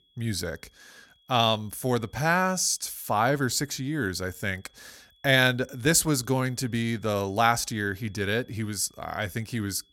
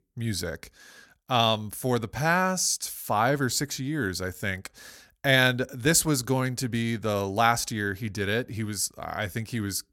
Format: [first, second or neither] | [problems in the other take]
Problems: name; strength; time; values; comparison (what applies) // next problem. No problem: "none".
second | high-pitched whine; faint; throughout; 3.5 kHz, 35 dB below the speech